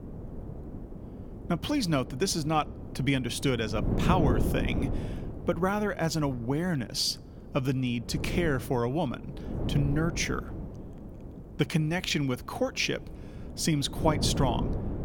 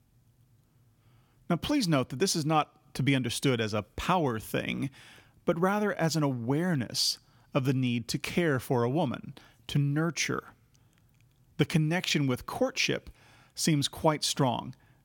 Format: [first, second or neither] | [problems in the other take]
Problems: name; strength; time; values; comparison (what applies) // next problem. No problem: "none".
second | wind noise on the microphone; occasional gusts; 10 dB below the speech